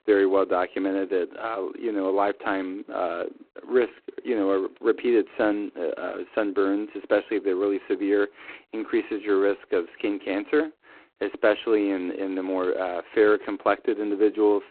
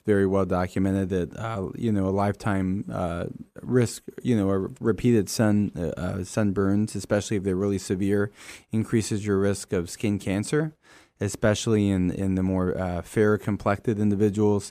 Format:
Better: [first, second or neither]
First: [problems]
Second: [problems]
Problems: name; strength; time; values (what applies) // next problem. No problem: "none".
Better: second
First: phone-call audio; poor line; nothing above 4 kHz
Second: none